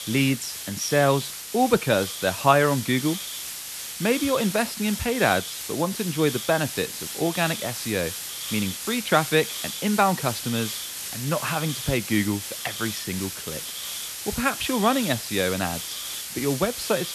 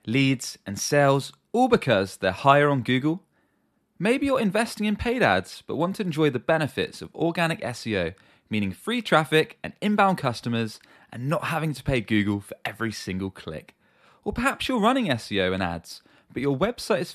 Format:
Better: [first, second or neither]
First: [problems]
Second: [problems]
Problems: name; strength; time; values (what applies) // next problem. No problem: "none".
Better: second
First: hiss; loud; throughout; 6 dB below the speech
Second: none